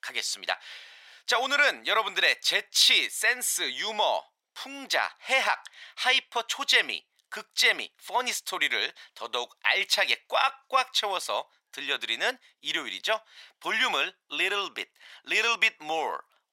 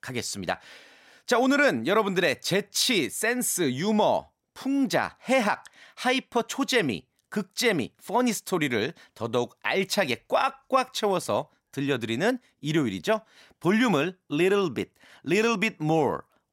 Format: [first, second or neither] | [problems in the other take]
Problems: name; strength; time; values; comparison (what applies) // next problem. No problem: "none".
second | thin; very; fading below 850 Hz